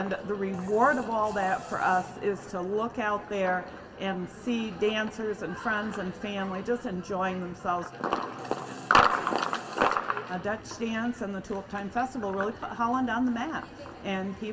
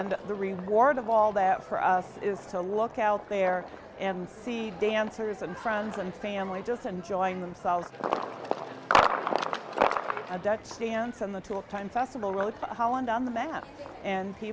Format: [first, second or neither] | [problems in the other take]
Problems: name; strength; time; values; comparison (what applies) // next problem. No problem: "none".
second | background sound (Fart); 19 dB below the speech // room echo; dies away in 1.3 s